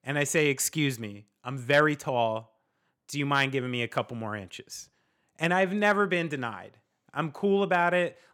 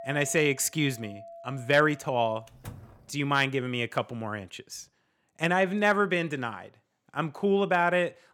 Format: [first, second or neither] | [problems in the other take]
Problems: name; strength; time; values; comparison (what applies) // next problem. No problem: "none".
first | household noises; faint; until 3 s; 20 dB below the speech